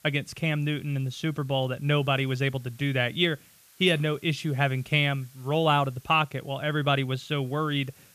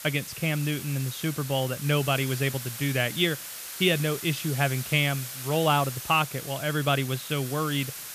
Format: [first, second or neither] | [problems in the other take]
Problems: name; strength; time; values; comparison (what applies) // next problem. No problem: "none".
first | hiss; loud; throughout; 9 dB below the speech; faint in the first